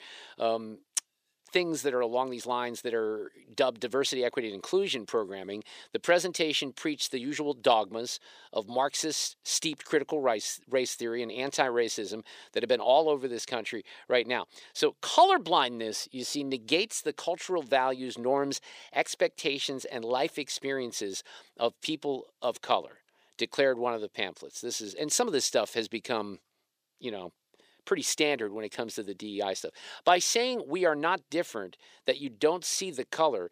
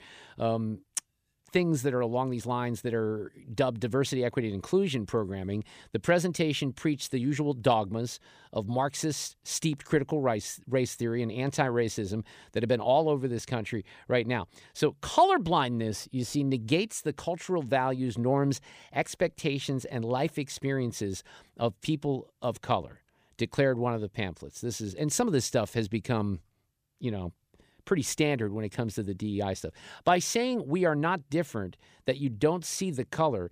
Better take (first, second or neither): second